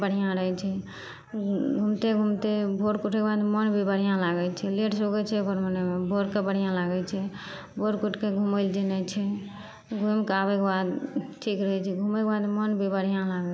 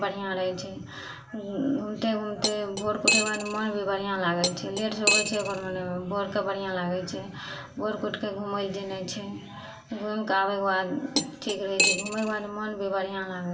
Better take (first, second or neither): first